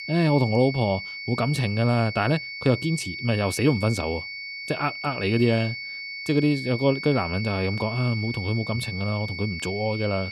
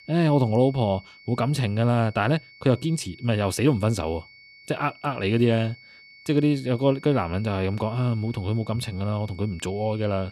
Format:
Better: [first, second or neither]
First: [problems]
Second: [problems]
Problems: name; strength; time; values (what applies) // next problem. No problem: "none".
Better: second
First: high-pitched whine; loud; throughout; 2 kHz, 8 dB below the speech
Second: high-pitched whine; faint; throughout; 2 kHz, 25 dB below the speech